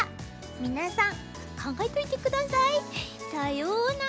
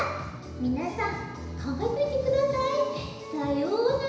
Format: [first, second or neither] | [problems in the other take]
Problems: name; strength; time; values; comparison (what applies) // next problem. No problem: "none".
first | room echo; dies away in 1 s